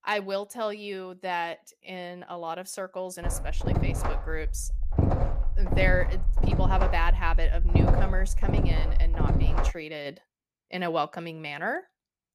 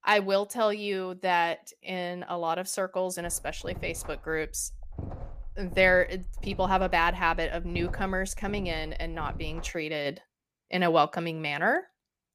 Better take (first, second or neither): second